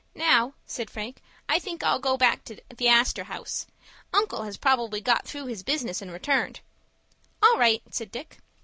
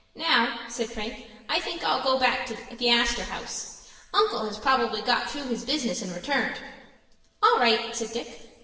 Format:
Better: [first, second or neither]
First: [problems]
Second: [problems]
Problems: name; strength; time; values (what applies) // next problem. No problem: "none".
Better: first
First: none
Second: room echo; dies away in 1.2 s